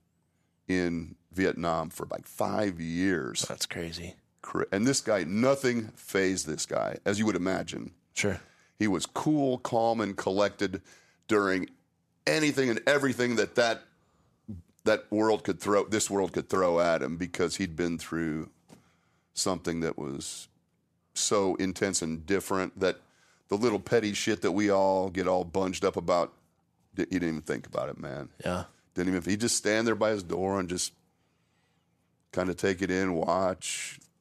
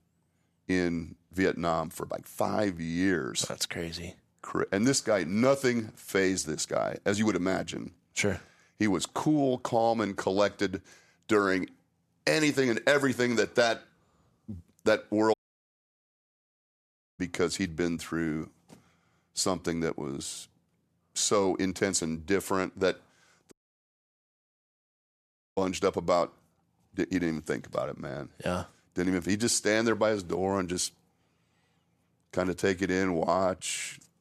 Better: first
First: none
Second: audio cutting out; at 15 s for 2 s and at 24 s for 2 s

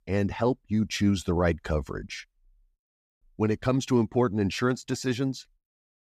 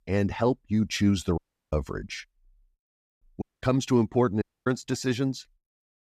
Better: first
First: none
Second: audio cutting out; at 1.5 s, at 3.5 s and at 4.5 s

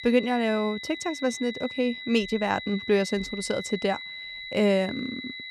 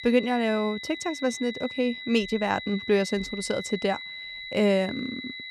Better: neither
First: high-pitched whine; loud; throughout; 2 kHz, 9 dB below the speech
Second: high-pitched whine; loud; throughout; 2 kHz, 9 dB below the speech

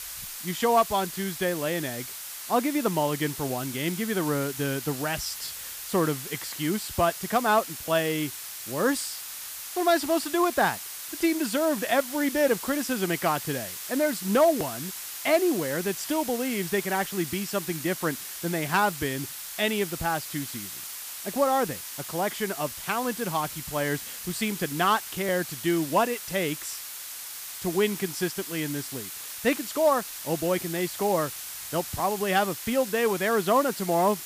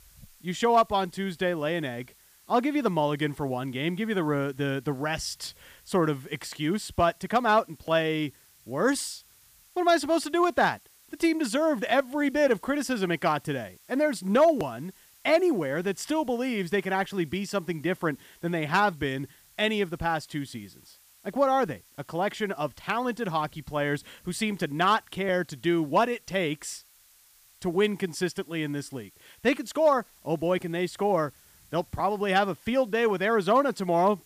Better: second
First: hiss; loud; throughout; 8 dB below the speech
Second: hiss; faint; throughout; 30 dB below the speech

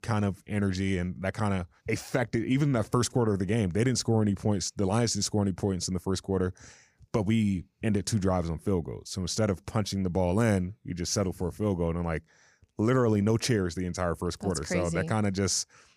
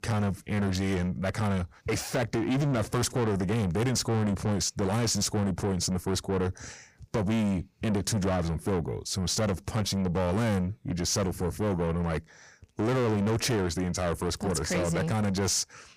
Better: first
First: none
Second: distortion; heavy; 7 dB below the speech

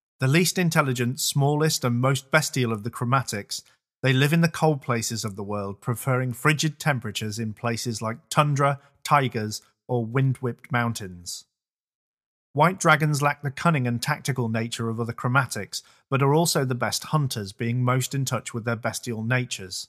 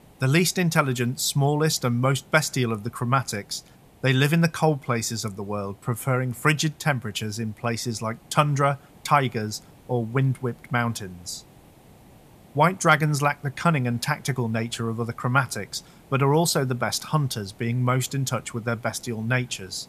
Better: first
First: none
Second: hiss; faint; throughout; 30 dB below the speech

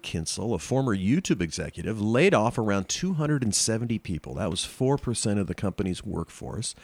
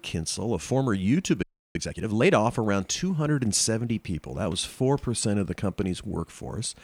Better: first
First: none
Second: audio freezing; at 1.5 s

